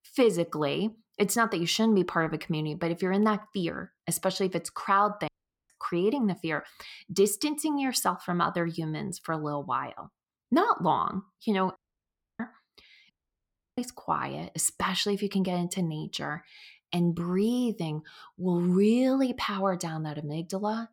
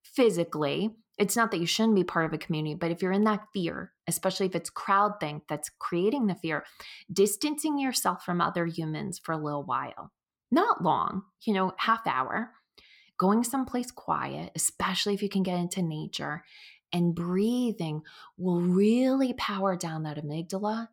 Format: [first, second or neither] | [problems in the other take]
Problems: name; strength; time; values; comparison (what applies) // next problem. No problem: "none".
second | audio cutting out; at 5.5 s, at 12 s for 0.5 s and at 13 s for 0.5 s